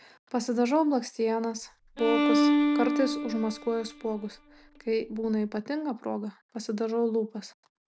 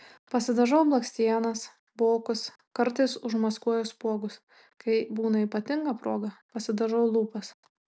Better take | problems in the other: second | background sound (Bowed string instrument); 1 dB above the speech

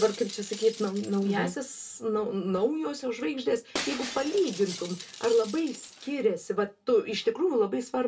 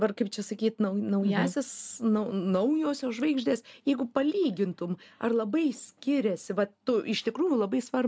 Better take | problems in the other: second | background sound (Shatter); 15 dB below the speech // room echo; dies away in 0.2 s

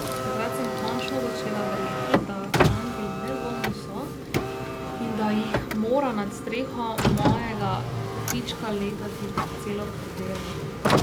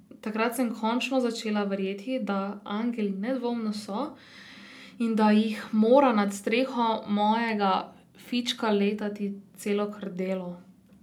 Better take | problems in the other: second | background sound (Car); 3 dB above the speech

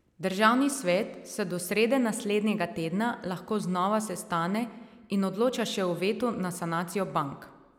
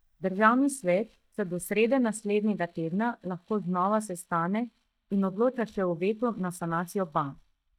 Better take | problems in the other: first | noise reduction (neural mask model DeepFilterNet 3)

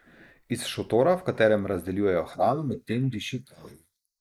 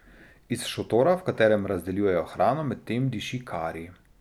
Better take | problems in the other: second | noise reduction (neural mask model Resemble Enhance denoiser)

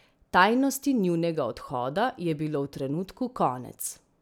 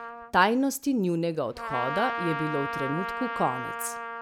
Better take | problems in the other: first | background sound (Trumpet); 6 dB below the speech

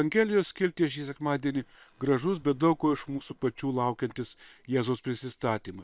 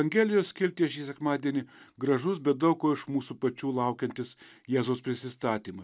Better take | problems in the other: second | noise reduction (neural separator model SepFormer WHAM!)

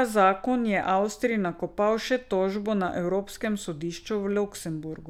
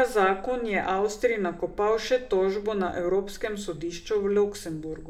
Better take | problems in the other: first | room echo; dies away in 0.4 s

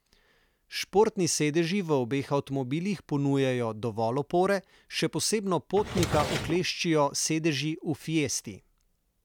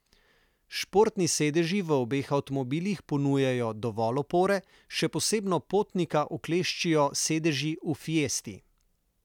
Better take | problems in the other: second | background sound (Drawer open or close); 5 dB below the speech

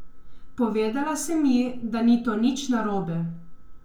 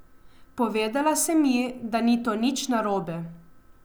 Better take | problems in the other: second | room echo; dies away in 0.3 s

